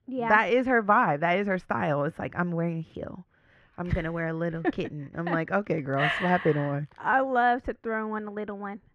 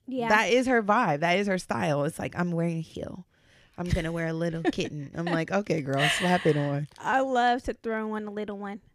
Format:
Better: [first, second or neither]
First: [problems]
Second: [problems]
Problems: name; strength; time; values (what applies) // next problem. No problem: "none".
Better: second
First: muffled; very; fading above 4 kHz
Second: none